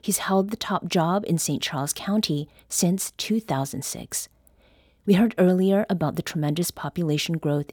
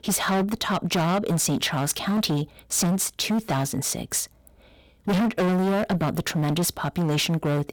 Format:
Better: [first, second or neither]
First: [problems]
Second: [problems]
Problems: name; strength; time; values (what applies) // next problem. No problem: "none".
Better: first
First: none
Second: distortion; heavy; 21% of the sound clipped